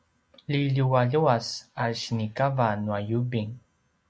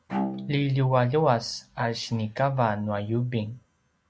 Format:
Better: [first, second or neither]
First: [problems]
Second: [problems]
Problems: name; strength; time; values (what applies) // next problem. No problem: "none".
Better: first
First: none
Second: background sound (Bowed string instrument); 11 dB below the speech